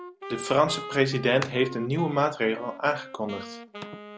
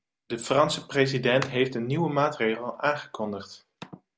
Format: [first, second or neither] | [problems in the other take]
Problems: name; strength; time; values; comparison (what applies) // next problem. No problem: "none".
second | background sound (Wind instrument, woodwind instrument); 14 dB below the speech